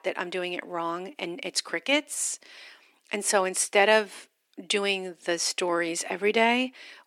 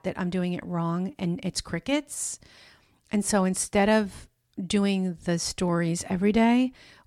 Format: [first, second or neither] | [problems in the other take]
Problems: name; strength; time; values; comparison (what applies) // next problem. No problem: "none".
second | thin; somewhat; fading below 300 Hz